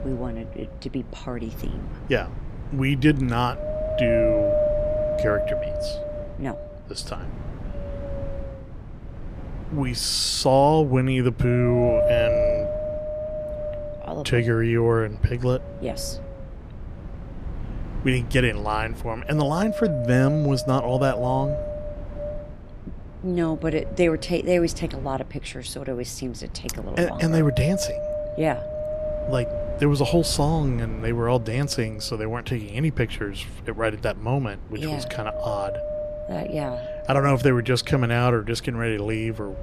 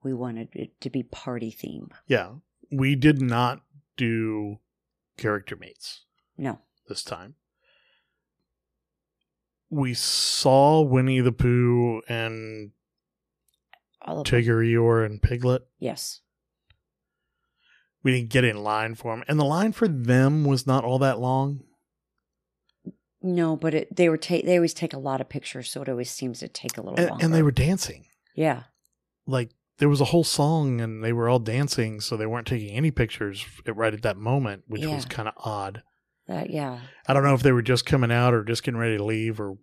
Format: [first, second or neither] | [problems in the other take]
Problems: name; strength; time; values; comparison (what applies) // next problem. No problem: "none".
second | wind noise on the microphone; heavy; 1 dB below the speech